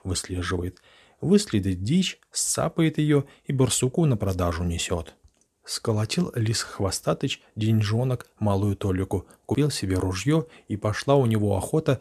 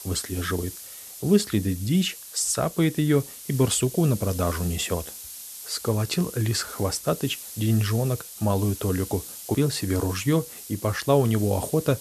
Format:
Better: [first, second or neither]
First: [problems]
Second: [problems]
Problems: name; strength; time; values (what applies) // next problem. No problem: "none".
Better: first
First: none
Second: hiss; noticeable; throughout; 10 dB below the speech